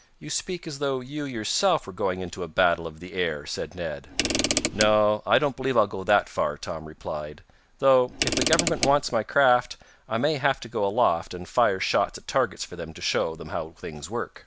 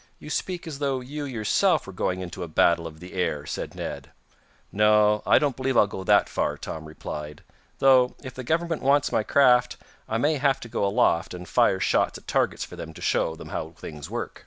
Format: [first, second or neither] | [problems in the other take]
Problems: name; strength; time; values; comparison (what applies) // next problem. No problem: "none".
second | background sound (Mechanisms / Car); 2 dB below the speech